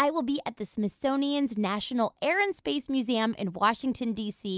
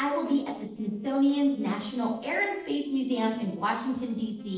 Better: first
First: none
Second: noise reduction (neural separator model SepFormer DNS4)

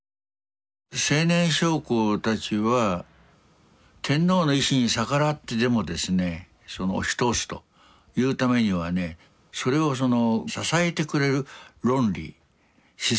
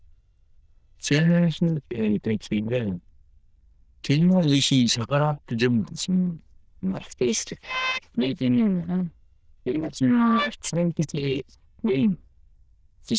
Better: first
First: none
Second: noise reduction (neural diffusion model UNIVERSE++)

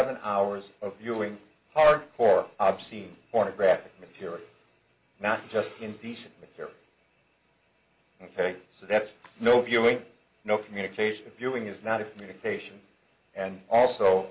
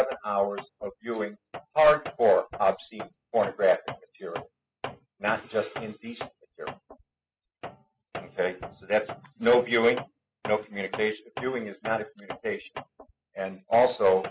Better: first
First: none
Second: noise reduction (classical method spectral subtraction)

